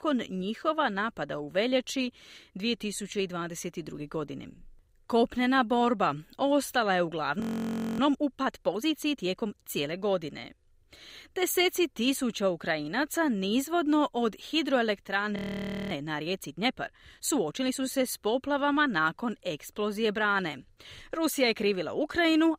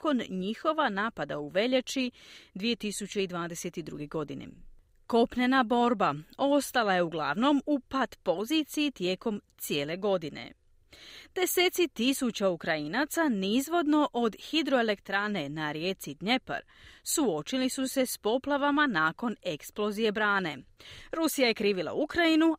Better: second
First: audio freezing; at 7.5 s for 0.5 s and at 15 s for 0.5 s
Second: none

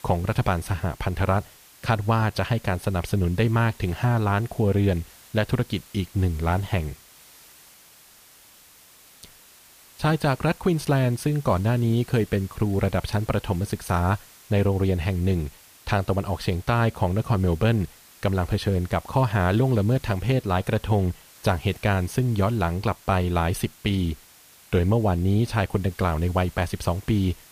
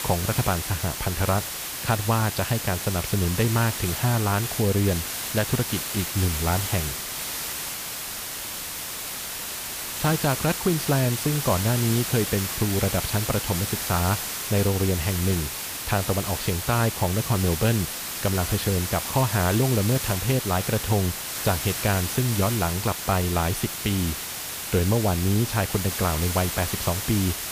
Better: first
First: hiss; faint; throughout; 25 dB below the speech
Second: hiss; loud; throughout; 3 dB below the speech

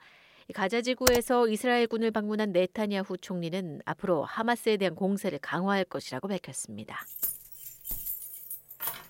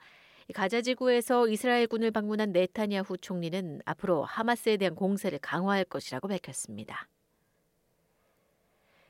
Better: second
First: keyboard typing; loud; at 1 s; peak 1 dB above the speech // jangling keys; noticeable; from 7 s on; peak 3 dB below the speech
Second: none

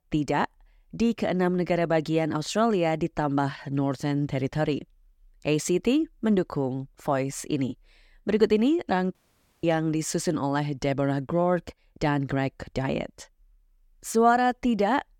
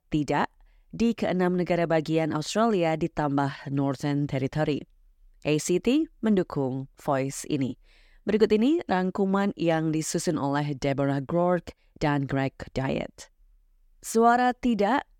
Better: second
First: audio cutting out; at 9 s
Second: none

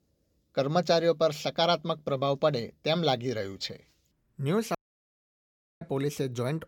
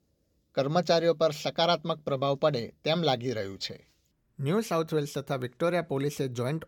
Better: second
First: audio cutting out; at 5 s for 1 s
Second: none

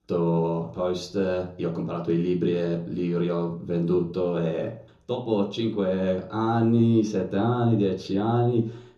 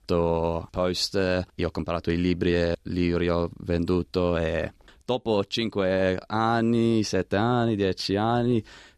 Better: second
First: room echo; slight; dies away in 0.6 s // off-mic speech; somewhat distant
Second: none

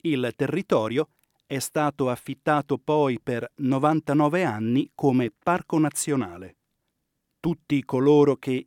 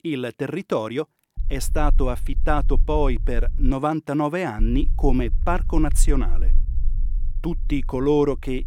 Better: first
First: none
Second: low rumble; faint; from 1.5 to 3.5 s and from 4.5 s on; 25 dB below the speech

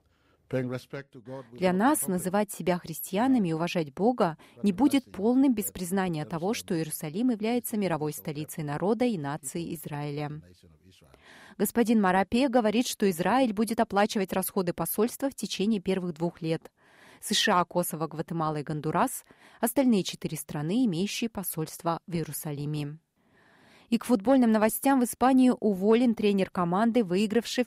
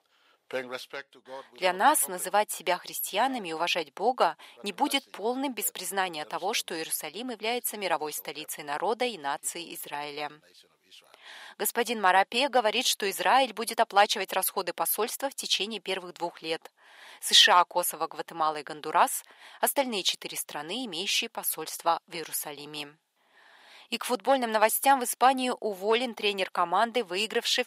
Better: first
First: none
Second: thin; very; fading below 650 Hz

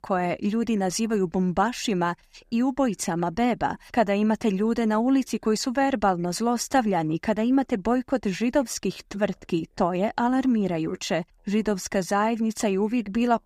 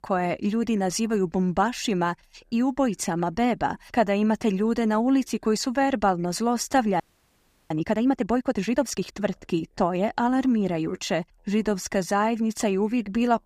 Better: first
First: none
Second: audio freezing; at 7 s for 0.5 s

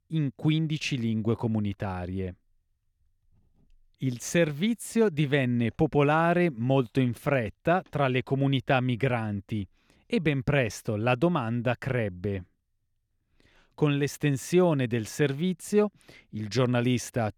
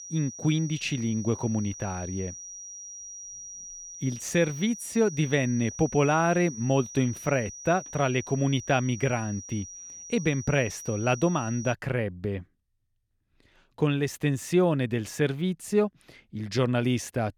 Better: first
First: none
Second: high-pitched whine; noticeable; until 12 s; 6 kHz, 10 dB below the speech

